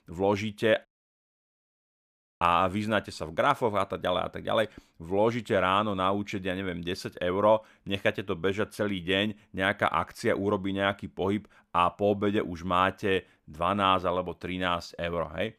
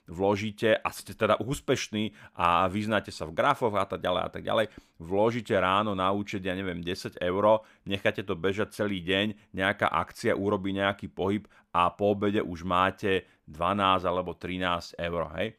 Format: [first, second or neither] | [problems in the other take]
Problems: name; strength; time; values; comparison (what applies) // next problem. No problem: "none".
second | audio cutting out; at 1 s for 1.5 s